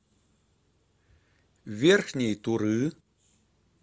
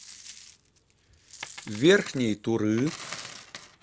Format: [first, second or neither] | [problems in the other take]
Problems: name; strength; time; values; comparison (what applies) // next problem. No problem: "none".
first | background sound (Coin (dropping)); 16 dB below the speech